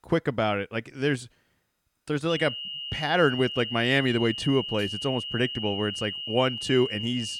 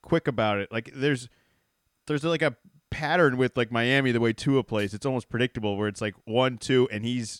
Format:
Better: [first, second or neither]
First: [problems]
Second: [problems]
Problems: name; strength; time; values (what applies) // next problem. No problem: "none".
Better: second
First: high-pitched whine; loud; from 2.5 s on; 3 kHz, 6 dB below the speech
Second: none